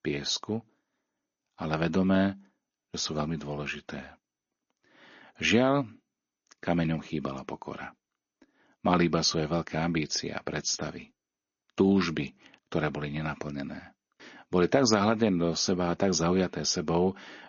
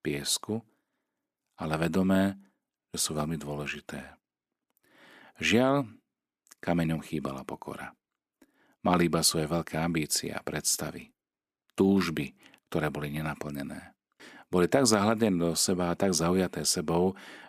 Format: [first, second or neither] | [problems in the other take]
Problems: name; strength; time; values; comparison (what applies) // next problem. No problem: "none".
second | garbled, watery; slightly; nothing above 6.5 kHz